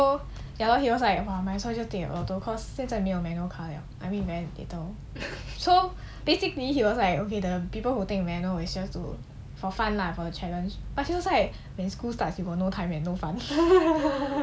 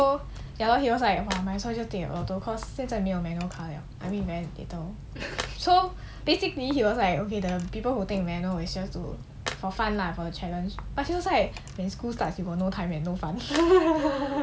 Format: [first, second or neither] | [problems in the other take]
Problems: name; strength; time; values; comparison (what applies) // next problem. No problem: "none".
first | background sound (Tools); 18 dB below the speech